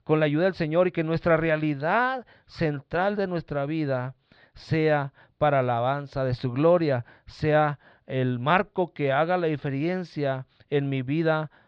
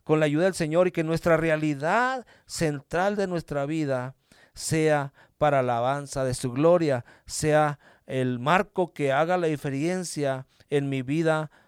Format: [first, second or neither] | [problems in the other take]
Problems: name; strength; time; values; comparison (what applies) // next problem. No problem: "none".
second | muffled; slightly; fading above 4 kHz